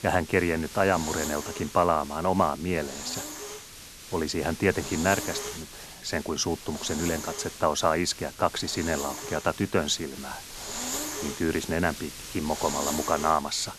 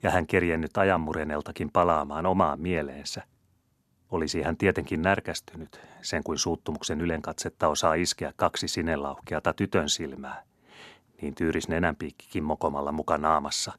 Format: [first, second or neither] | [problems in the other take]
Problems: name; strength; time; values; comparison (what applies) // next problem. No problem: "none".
second | hiss; loud; throughout; 8 dB below the speech